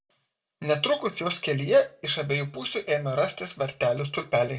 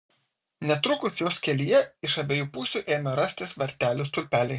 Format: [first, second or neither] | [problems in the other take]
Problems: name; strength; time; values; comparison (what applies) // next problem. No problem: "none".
second | room echo; dies away in 0.2 s